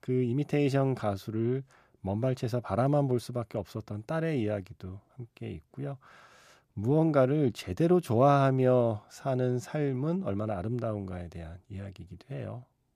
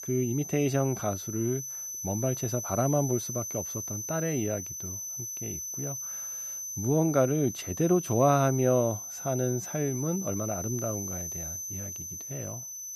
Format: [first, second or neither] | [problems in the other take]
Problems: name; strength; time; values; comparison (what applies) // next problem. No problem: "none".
first | high-pitched whine; loud; throughout; 6 kHz, 6 dB below the speech